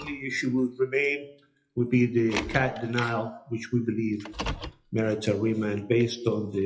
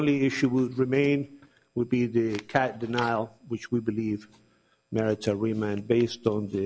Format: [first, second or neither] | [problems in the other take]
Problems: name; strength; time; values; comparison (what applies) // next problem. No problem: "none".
second | noise reduction (classical method WPE with log-MMSE)